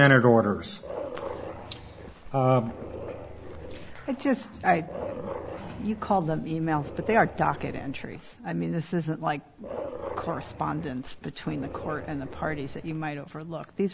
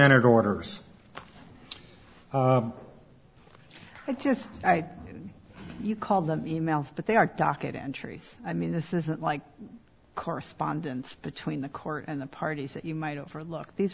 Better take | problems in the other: second | background sound (Dog); 11 dB below the speech

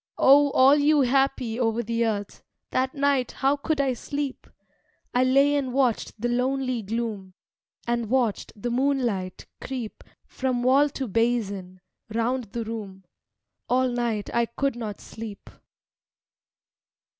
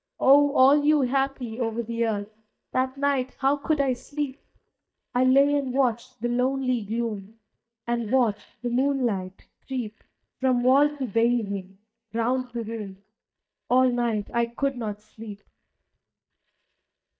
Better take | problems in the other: first | noise reduction (neural mask model DeepFilterNet 3)

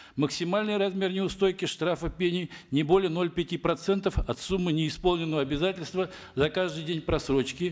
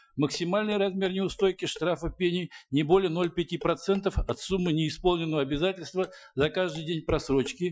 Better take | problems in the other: first | noise reduction (classical method Wiener filter)

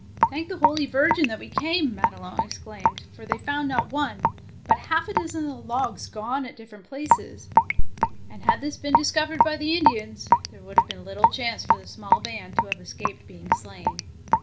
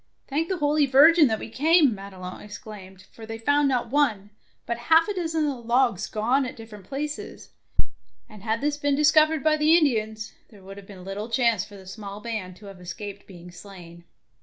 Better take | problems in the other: second | background sound (Raindrop / Drip); 2 dB above the speech

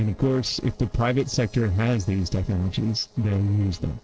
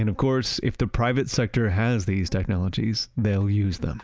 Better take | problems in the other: second | noise reduction (neural separator model SepFormer DNS4)

